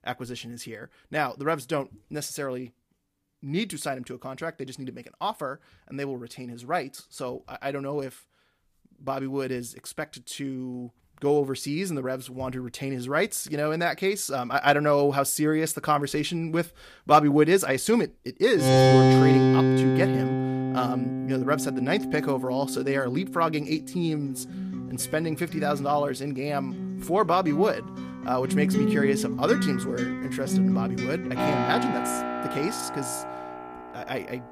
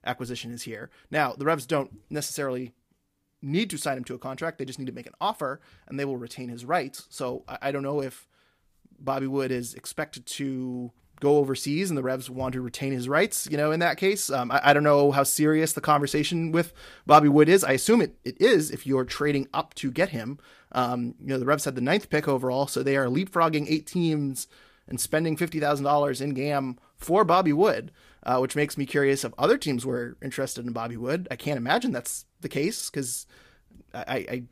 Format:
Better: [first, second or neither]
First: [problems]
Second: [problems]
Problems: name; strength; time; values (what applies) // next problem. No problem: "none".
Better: second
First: background music; very loud; from 19 s on; 2 dB above the speech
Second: none